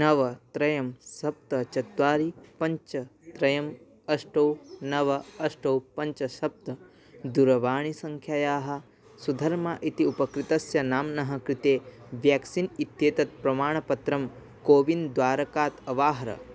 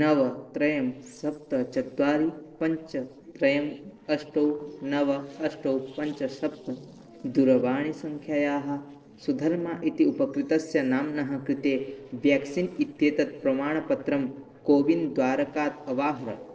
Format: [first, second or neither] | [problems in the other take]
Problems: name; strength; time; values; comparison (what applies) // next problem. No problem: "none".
first | noise reduction (neural separator model SepFormer DNS4)